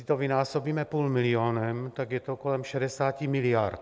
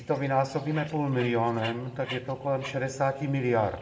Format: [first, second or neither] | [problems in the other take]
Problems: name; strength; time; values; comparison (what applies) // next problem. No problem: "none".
first | background sound (Bird); 17 dB below the speech // room echo; dies away in 0.6 s